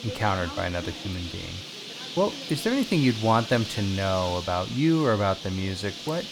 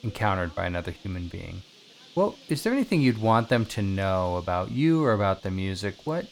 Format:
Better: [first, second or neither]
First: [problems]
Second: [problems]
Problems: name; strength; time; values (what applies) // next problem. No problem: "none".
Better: second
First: animal sounds; loud; throughout; 9 dB below the speech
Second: animal sounds; faint; throughout; 25 dB below the speech